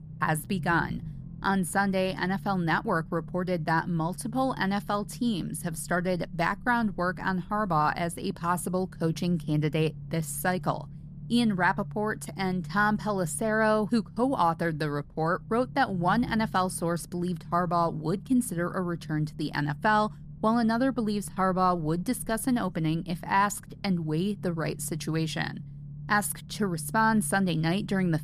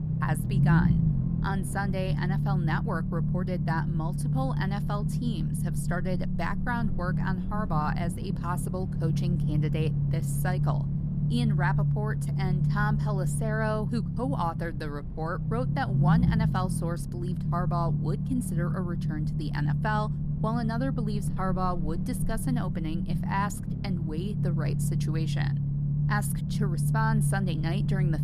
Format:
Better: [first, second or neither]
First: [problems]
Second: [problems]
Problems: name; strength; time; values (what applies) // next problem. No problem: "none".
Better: first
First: low rumble; faint; throughout; 25 dB below the speech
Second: low rumble; loud; throughout; 5 dB below the speech